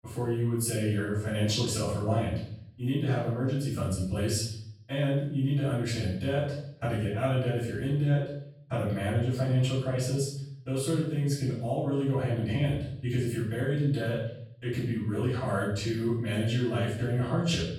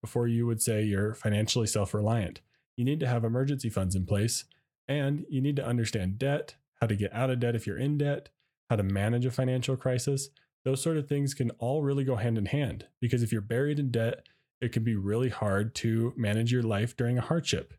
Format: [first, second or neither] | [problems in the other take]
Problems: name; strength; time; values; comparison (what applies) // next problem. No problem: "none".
second | off-mic speech; far // room echo; noticeable; dies away in 0.6 s